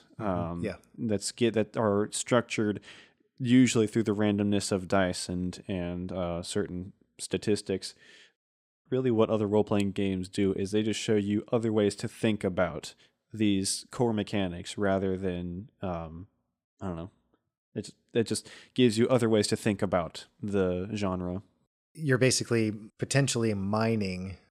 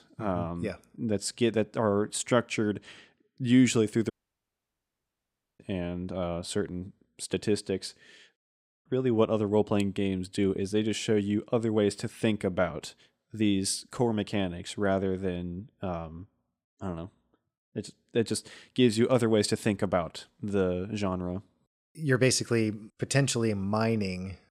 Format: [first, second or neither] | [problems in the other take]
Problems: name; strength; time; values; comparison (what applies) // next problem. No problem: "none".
first | audio cutting out; at 4 s for 1.5 s